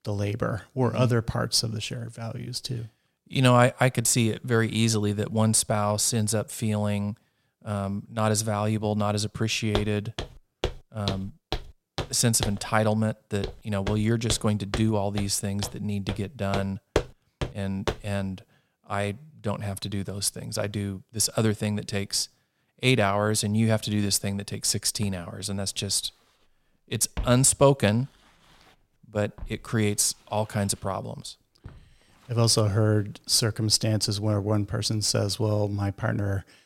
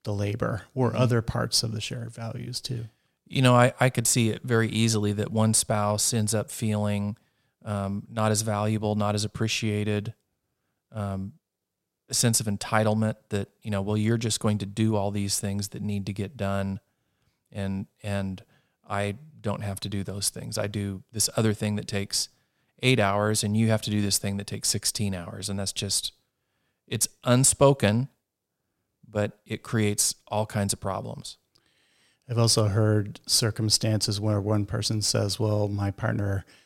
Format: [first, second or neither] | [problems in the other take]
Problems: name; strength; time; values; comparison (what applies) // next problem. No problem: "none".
second | footsteps; noticeable; from 10 to 18 s; peak 4 dB below the speech // footsteps; faint; from 25 to 32 s; peak 10 dB below the speech